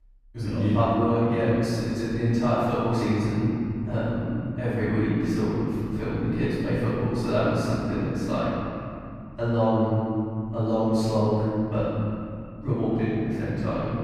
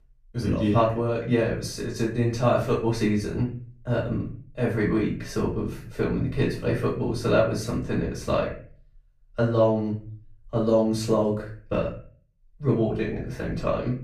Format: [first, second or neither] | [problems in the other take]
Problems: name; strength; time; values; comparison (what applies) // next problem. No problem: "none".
second | room echo; strong; dies away in 3 s; slight in the second // off-mic speech; far; far in the second